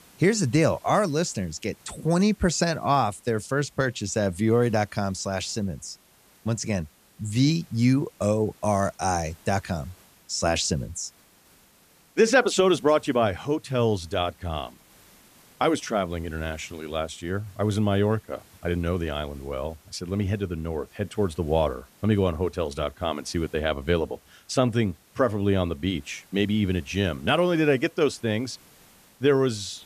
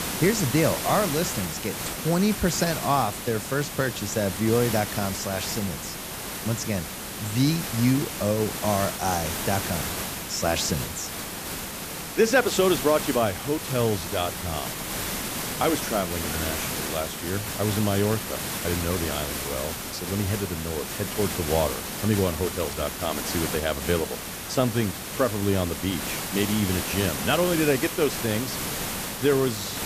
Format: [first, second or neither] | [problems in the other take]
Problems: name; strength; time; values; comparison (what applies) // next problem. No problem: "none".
first | hiss; loud; throughout; 4 dB below the speech; faint in the first